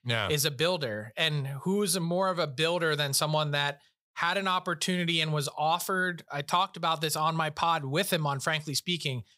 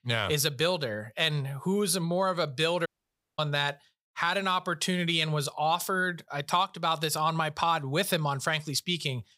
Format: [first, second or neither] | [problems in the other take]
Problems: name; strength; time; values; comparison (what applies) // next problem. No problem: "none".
first | audio cutting out; at 3 s for 0.5 s